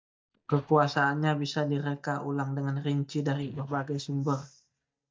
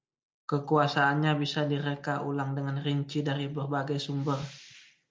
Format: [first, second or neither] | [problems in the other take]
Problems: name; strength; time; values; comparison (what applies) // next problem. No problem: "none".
second | noise reduction (neural mask model DeepFilterNet 3)